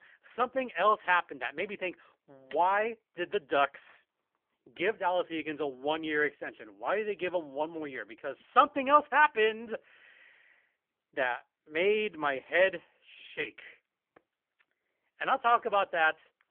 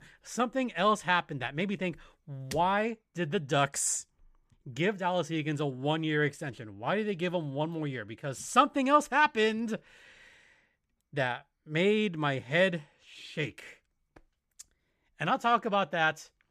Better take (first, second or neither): second